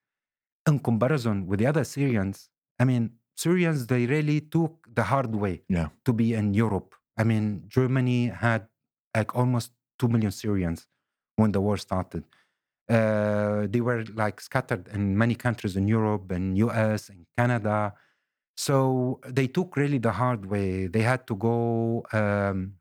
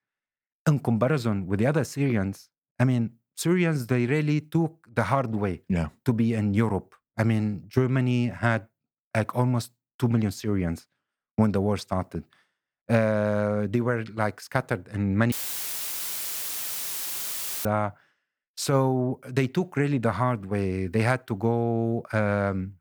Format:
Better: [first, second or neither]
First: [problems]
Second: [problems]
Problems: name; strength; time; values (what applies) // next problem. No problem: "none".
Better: first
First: none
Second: audio cutting out; filled with static; at 15 s for 2.5 s